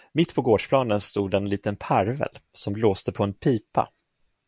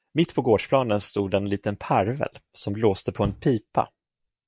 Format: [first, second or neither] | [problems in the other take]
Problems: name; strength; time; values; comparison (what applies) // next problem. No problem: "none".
first | noise reduction (neural mask model DeepFilterNet 3)